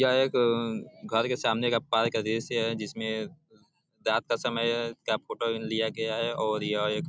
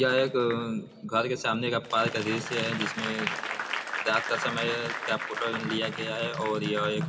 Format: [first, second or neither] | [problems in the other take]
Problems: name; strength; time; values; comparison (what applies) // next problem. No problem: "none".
first | background sound (Applause / Crowd); 7 dB below the speech // room echo; dies away in 1.3 s